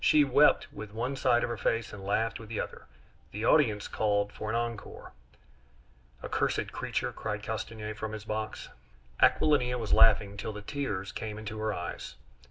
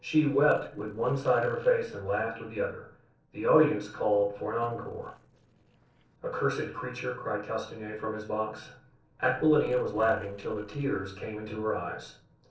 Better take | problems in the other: first | noise reduction (neural separator model SepFormer DNS4)

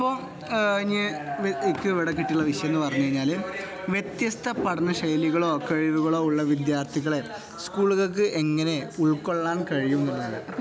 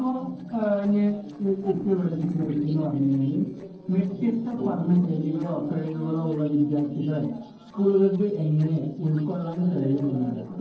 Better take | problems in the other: first | noise reduction (neural separator model SepFormer DNS4)

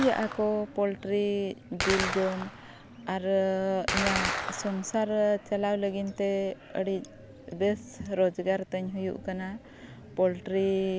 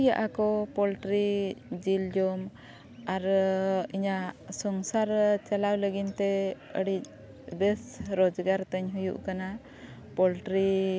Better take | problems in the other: second | background sound (Gunshot, gunfire); 9 dB below the speech

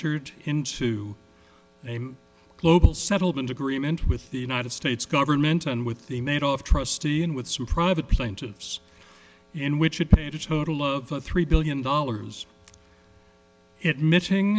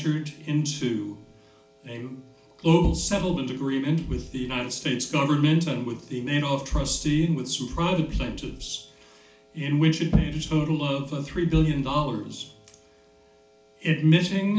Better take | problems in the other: first | room echo; dies away in 0.4 s

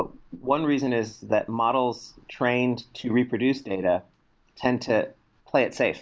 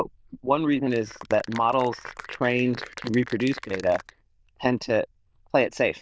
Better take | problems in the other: first | noise reduction (neural diffusion model UNIVERSE++)

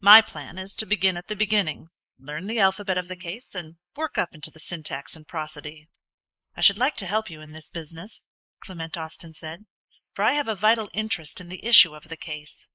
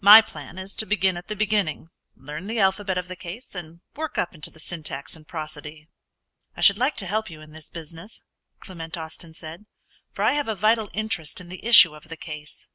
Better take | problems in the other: second | noise reduction (neural mask model Resemble Enhance denoiser)

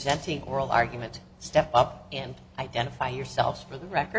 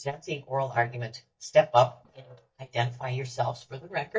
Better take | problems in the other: first | noise reduction (neural mask model DeepFilterNet 3)

